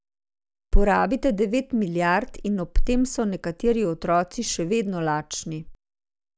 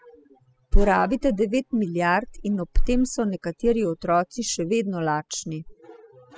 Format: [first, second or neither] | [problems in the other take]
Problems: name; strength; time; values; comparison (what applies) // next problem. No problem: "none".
first | noise reduction (classical method spectral subtraction)